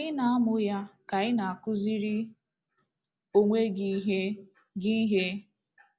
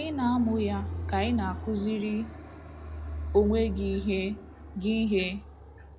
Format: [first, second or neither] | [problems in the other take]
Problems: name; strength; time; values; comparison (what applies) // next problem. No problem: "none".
first | background sound (Fixed-wing aircraft, airplane); 8 dB below the speech